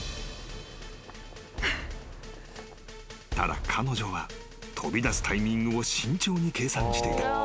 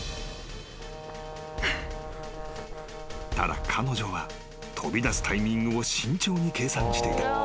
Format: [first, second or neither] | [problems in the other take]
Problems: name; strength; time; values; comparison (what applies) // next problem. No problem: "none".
first | background sound (Brass instrument + Breathing); 12 dB below the speech